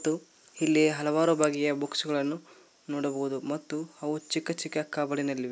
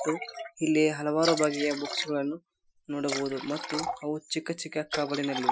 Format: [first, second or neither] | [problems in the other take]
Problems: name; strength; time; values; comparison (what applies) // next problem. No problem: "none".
first | noise reduction (classical method Wiener filter)